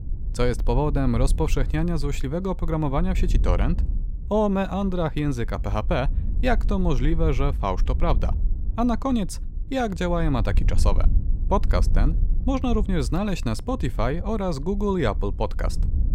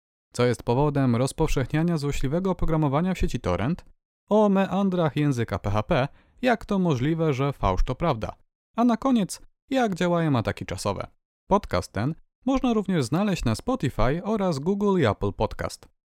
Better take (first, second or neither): second